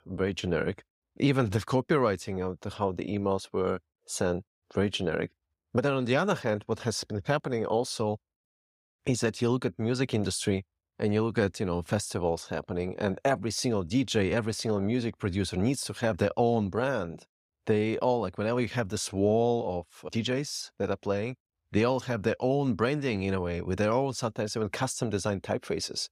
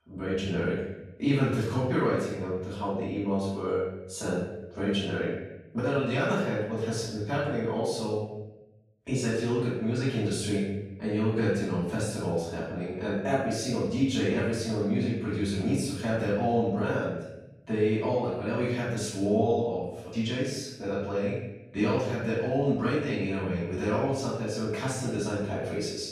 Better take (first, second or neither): first